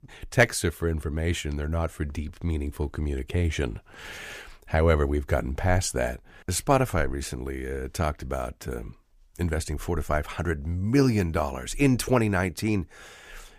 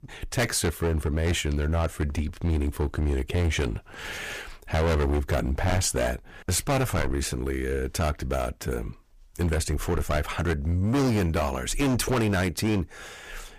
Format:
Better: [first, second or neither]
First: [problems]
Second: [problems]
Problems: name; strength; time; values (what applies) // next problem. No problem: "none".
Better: first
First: none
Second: distortion; heavy; 16% of the sound clipped